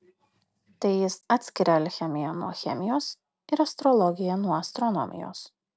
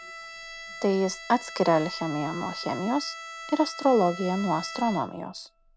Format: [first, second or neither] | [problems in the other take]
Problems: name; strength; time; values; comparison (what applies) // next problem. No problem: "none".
first | background sound (Bowed string instrument); 13 dB below the speech